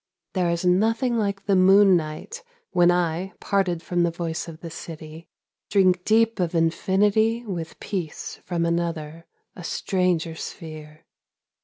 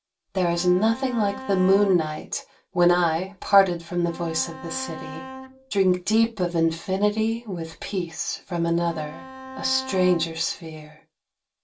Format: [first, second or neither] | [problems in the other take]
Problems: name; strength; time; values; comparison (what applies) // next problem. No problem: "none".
first | background sound (Bowed string instrument); 13 dB below the speech // room echo; dies away in 0.2 s